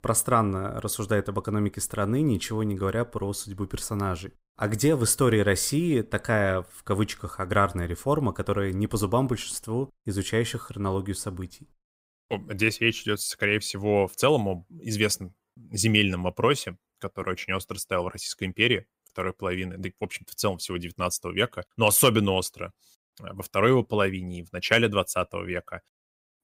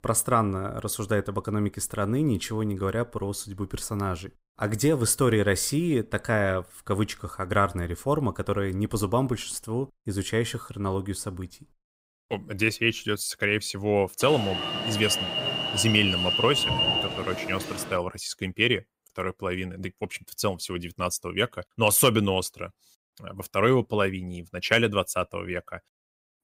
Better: first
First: none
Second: alarm; loud; from 14 to 18 s; peak 5 dB above the speech

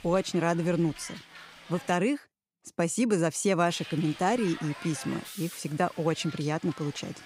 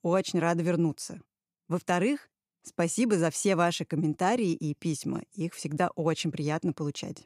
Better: second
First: hiss; noticeable; until 2 s and from 3.5 s on; 15 dB below the speech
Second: none

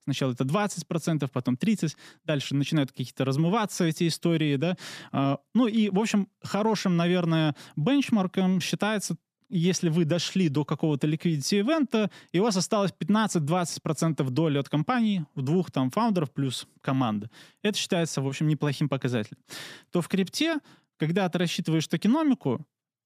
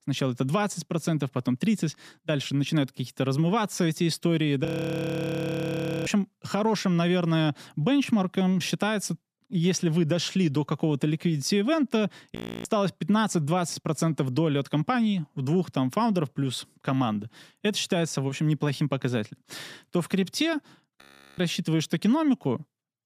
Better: first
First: none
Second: audio freezing; at 4.5 s for 1.5 s, at 12 s and at 21 s

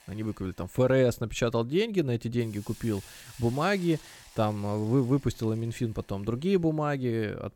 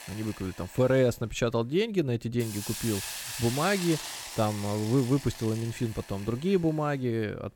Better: first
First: hiss; faint; throughout; 20 dB below the speech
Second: hiss; loud; throughout; 9 dB below the speech

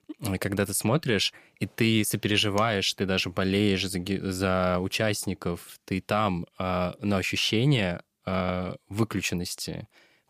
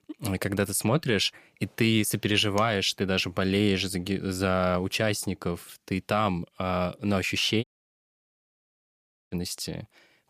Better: first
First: none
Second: audio cutting out; at 7.5 s for 1.5 s

